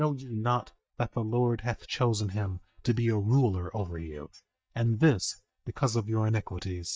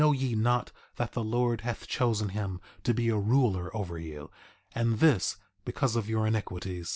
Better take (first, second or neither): second